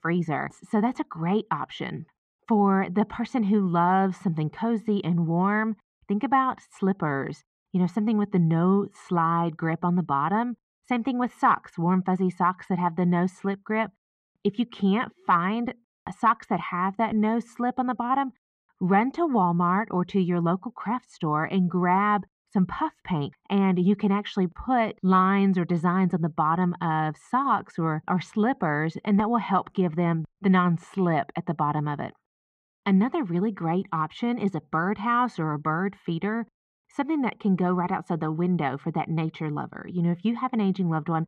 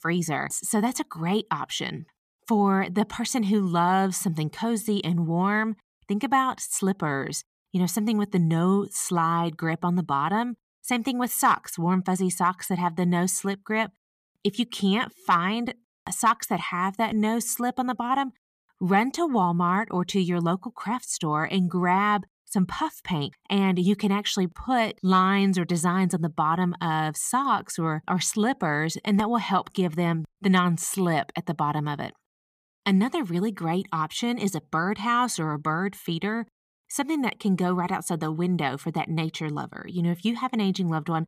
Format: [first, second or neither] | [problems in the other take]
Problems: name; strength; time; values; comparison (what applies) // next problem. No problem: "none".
second | muffled; very; fading above 2 kHz